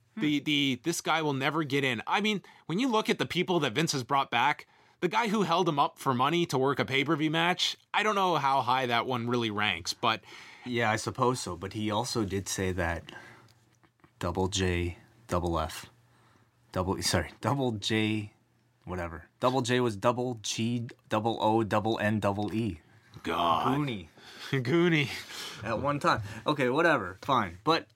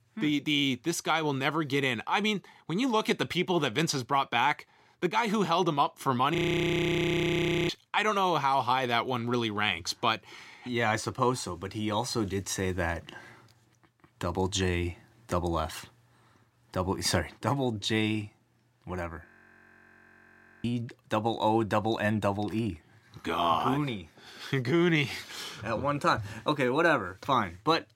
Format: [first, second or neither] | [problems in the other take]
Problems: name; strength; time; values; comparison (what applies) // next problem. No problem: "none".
first | audio freezing; at 6.5 s for 1.5 s and at 19 s for 1.5 s